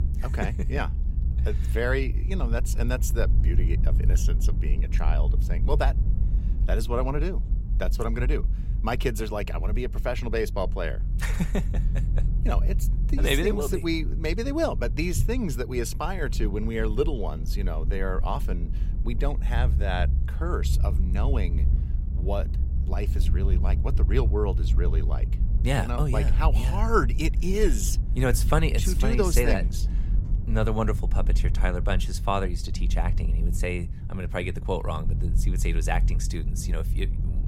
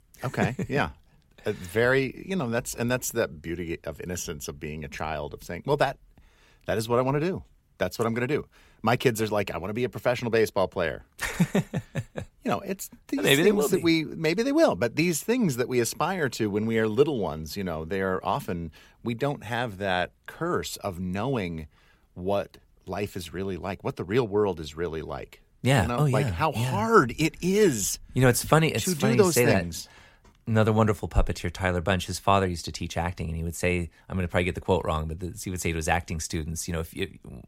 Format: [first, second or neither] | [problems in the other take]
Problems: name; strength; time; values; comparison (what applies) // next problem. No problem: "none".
second | low rumble; noticeable; throughout; 15 dB below the speech